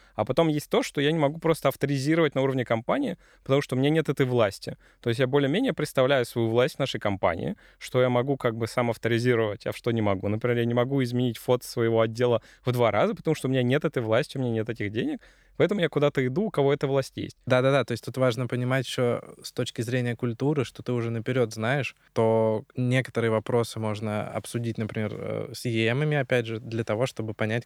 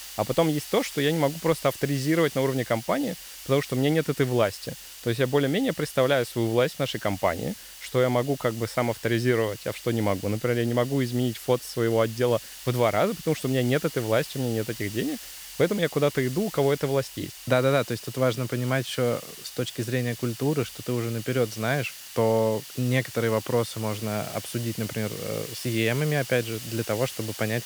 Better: first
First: none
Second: hiss; noticeable; throughout; 10 dB below the speech

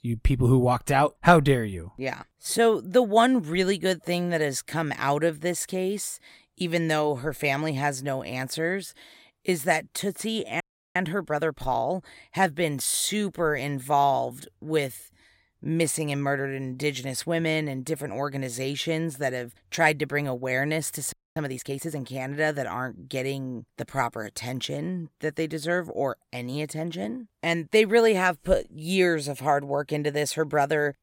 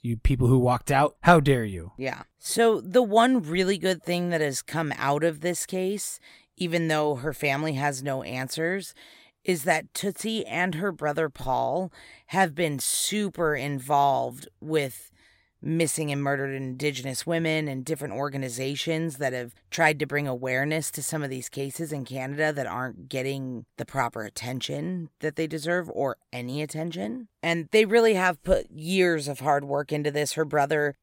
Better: second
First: audio freezing; at 11 s and at 21 s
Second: none

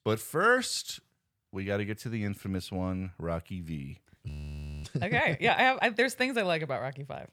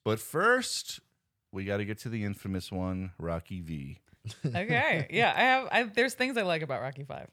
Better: second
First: audio freezing; at 4.5 s for 0.5 s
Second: none

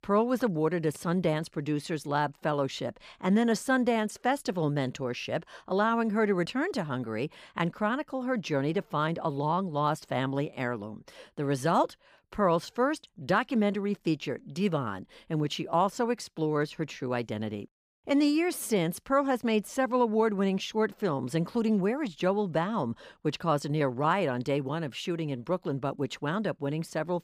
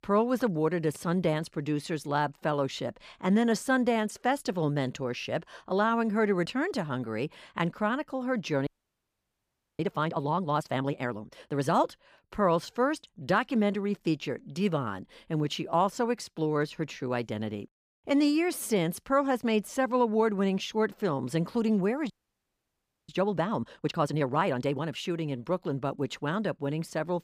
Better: first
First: none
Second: audio freezing; at 8.5 s for 1 s and at 22 s for 1 s

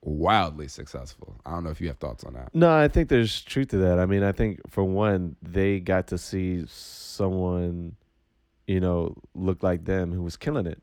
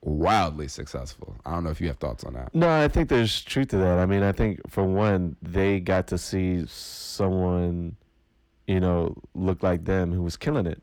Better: first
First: none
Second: distortion; slight; 10 dB below the speech

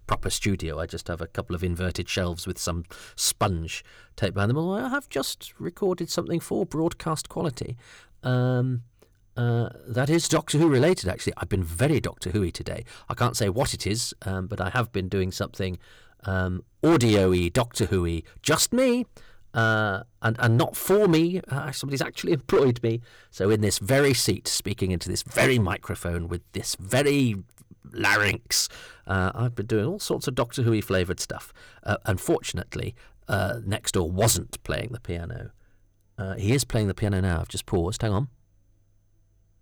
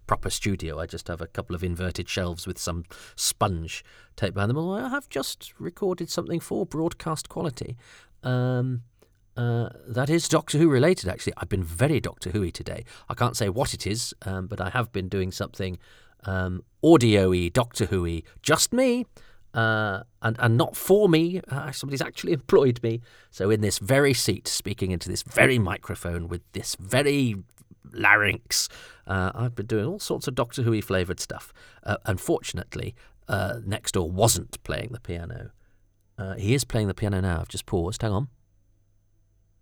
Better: second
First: distortion; slight; 3% of the sound clipped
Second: none

